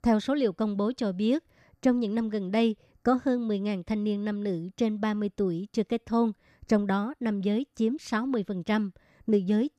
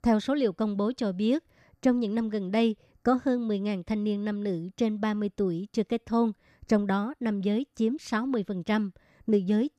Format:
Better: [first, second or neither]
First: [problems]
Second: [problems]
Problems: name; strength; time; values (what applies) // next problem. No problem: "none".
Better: neither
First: none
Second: none